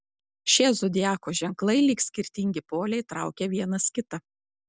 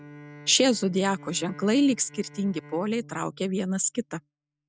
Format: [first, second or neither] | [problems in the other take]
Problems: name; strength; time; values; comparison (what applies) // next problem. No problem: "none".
first | noise reduction (neural mask model RNNoise)